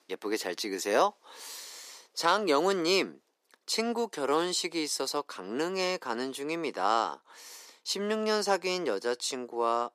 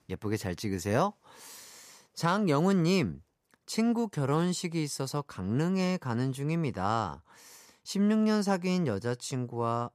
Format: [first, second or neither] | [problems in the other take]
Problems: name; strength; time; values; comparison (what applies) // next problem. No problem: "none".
second | thin; somewhat; fading below 300 Hz